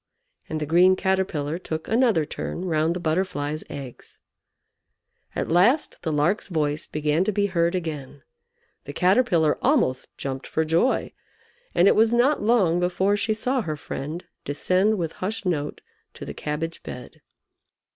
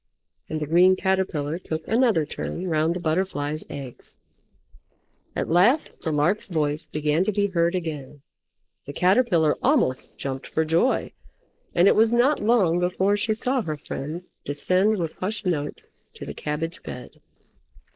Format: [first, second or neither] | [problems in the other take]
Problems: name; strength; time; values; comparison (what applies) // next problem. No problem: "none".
first | noise reduction (neural mask model Resemble Enhance denoiser)